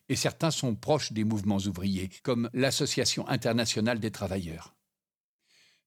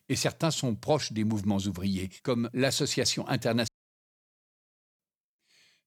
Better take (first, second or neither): first